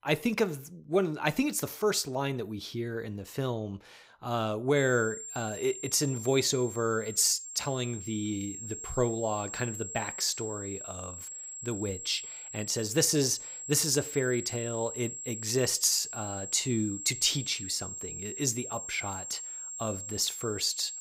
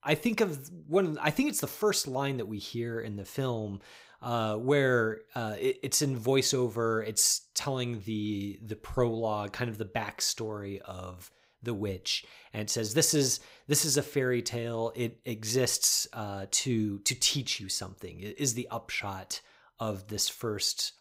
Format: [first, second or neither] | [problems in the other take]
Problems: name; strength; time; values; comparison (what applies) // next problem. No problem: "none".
second | high-pitched whine; loud; from 5 s on; 7.5 kHz, 8 dB below the speech